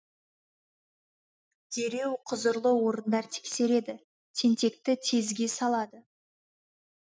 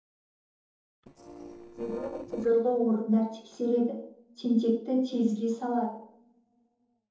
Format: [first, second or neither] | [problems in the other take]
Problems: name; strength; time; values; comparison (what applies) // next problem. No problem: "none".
first | noise reduction (neural separator model SepFormer DNS4)